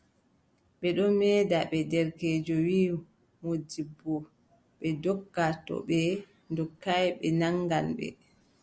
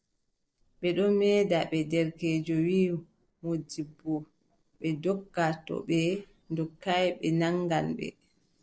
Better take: first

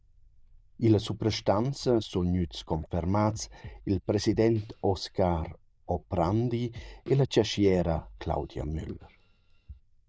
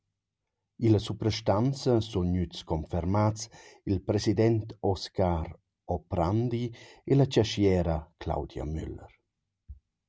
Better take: second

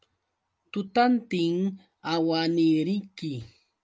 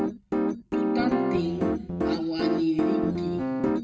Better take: first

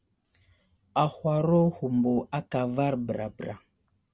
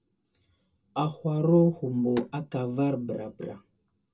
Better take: first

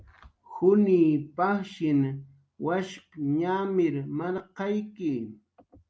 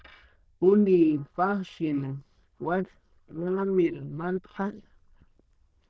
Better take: first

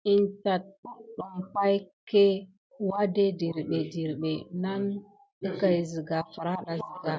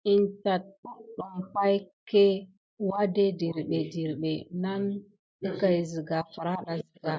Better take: first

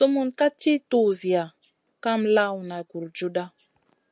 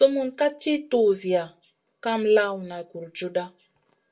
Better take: first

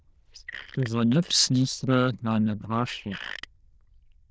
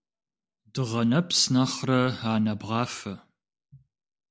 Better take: second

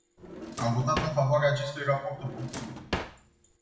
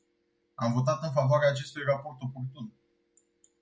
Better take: second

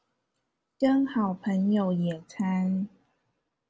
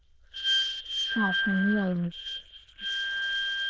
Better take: first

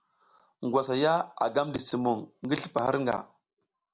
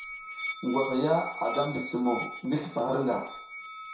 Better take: first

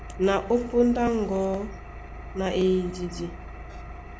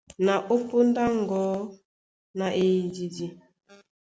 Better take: second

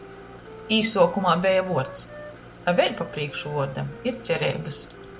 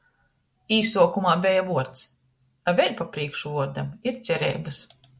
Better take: second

